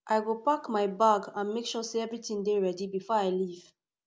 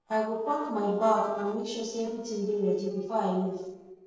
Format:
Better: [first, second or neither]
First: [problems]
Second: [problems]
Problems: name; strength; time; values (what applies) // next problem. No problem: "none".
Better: first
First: none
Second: noise reduction (neural separator model SepFormer DNS4)